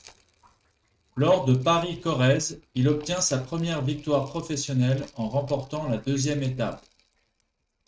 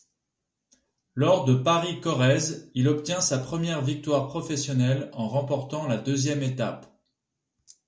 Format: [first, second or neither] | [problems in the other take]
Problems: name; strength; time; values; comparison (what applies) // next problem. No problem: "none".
second | noise reduction (neural mask model RNNoise)